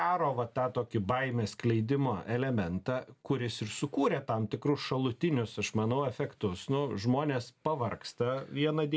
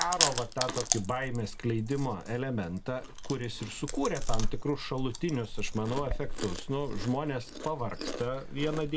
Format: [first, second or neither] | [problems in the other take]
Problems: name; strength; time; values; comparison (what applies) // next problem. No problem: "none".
first | background sound (Chewing, mastication); 1 dB below the speech